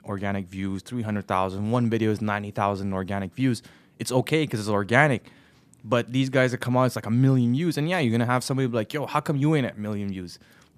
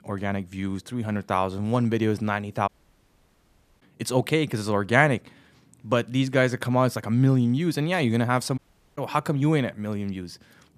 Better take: first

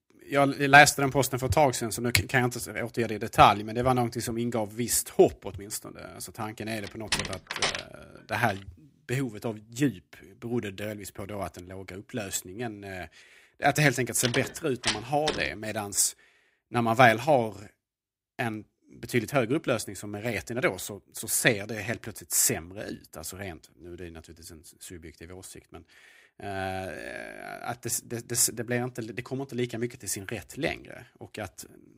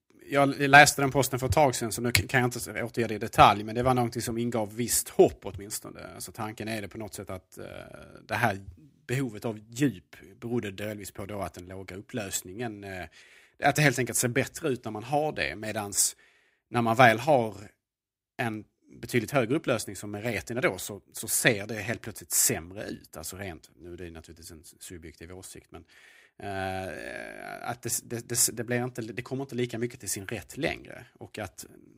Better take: second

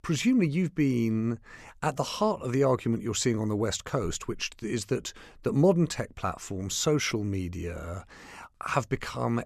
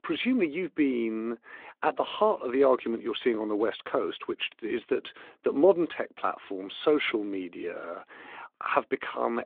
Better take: first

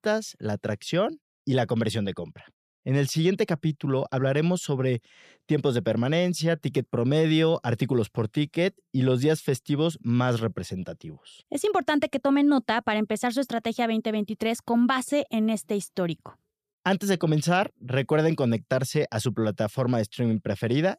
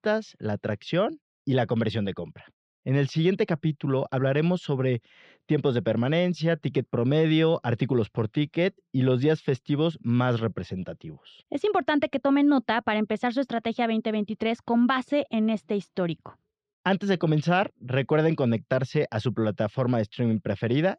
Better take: first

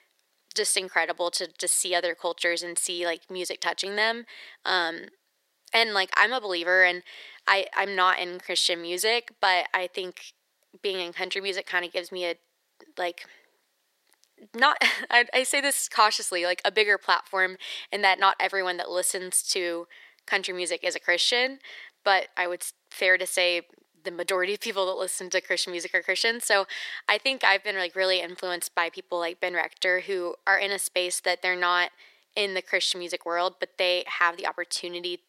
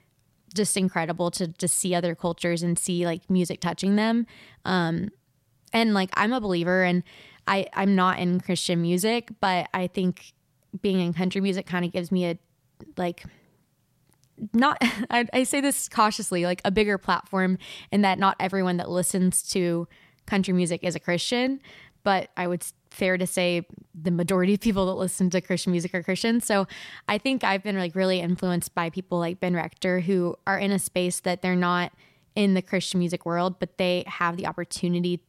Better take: second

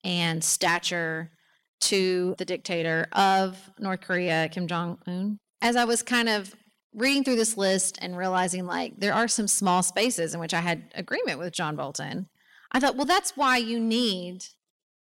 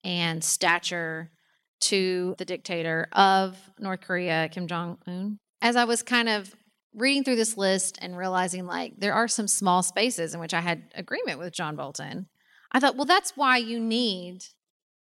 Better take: second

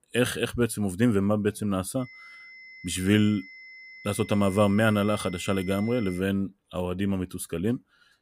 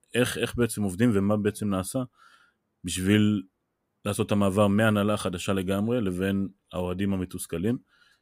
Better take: second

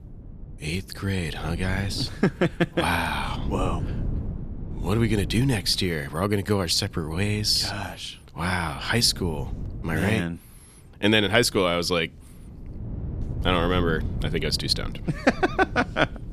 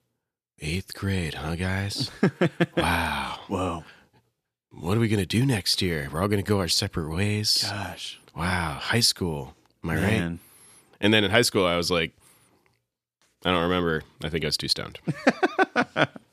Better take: second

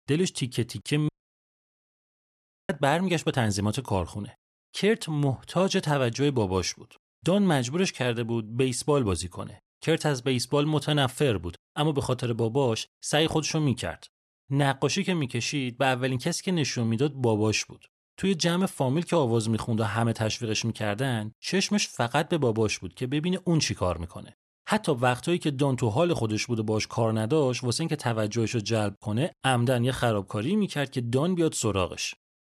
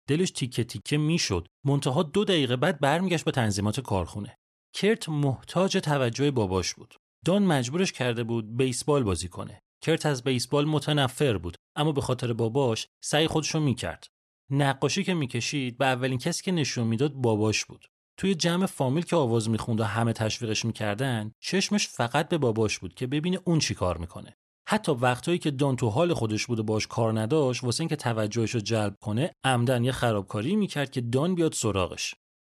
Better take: second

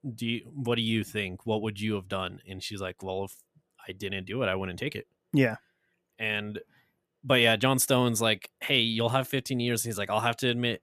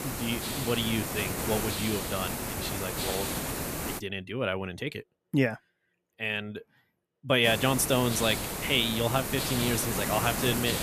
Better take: first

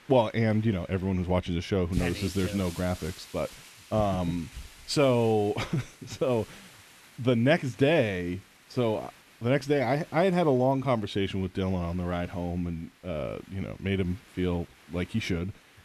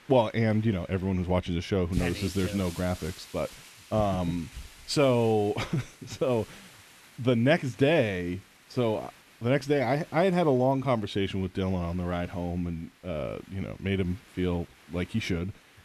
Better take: neither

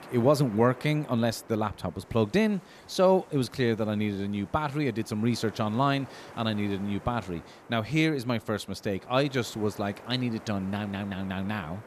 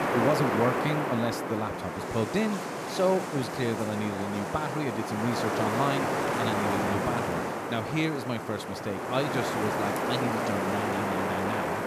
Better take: first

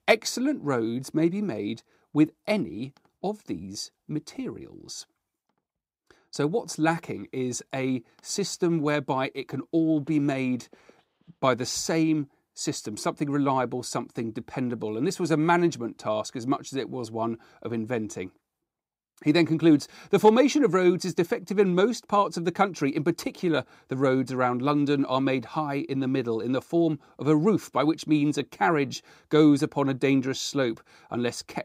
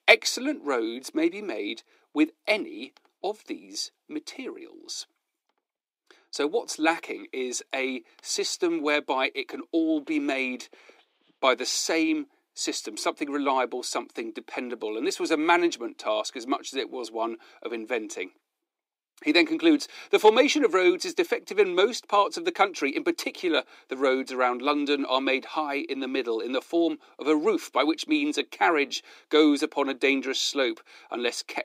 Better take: first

